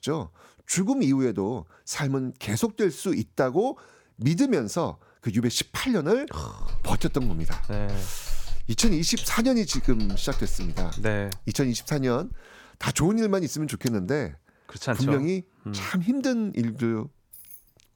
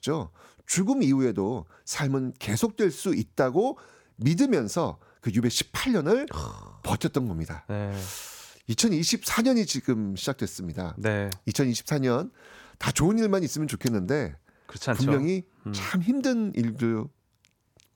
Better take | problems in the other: second | keyboard typing; noticeable; from 6.5 to 12 s; peak 8 dB below the speech // jangling keys; faint; at 17 s; peak 15 dB below the speech

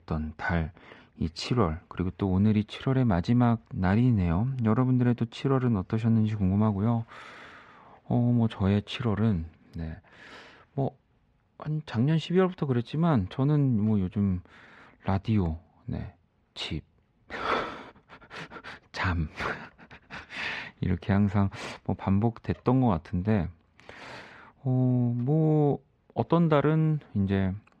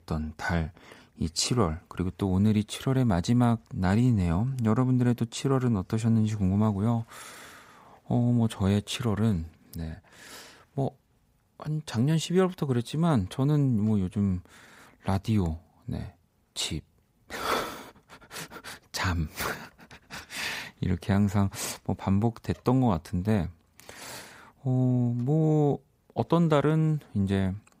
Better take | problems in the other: second | muffled; slightly; fading above 2.5 kHz

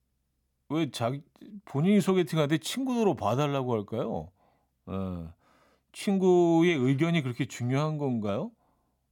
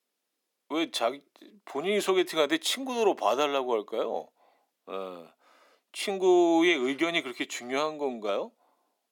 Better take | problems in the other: first | thin; somewhat; fading below 350 Hz

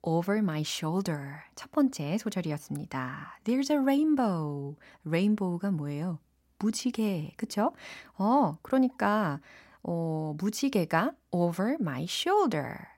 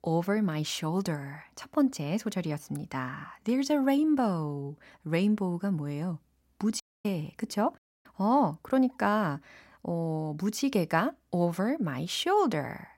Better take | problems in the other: first | audio cutting out; at 7 s and at 8 s

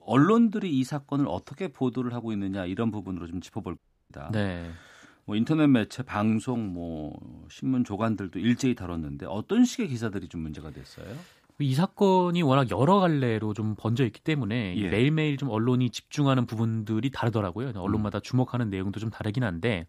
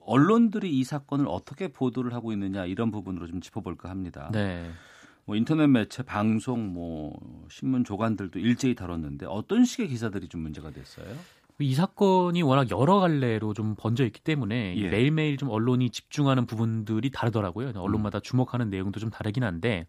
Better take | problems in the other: second | audio cutting out; at 4 s

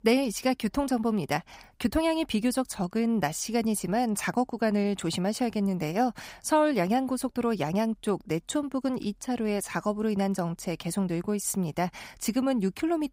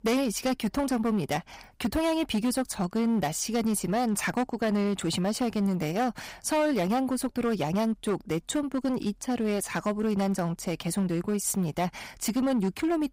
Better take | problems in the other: first | distortion; slight; 11% of the sound clipped

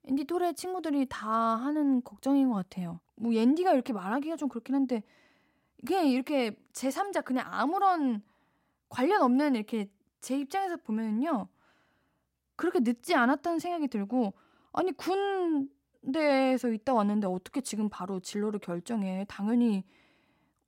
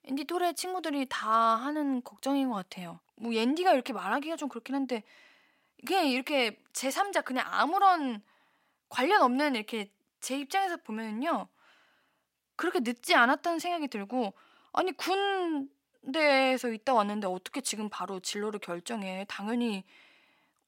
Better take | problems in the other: first | thin; very slightly; fading below 700 Hz

